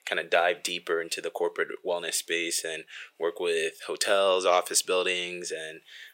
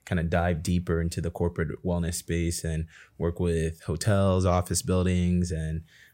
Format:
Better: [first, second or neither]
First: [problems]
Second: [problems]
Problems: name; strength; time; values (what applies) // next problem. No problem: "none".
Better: second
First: thin; very; fading below 400 Hz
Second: none